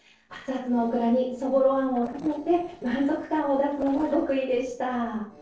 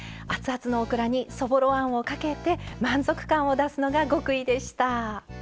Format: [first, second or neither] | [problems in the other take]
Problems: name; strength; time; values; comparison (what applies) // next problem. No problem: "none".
second | noise reduction (neural separator model SepFormer DNS4)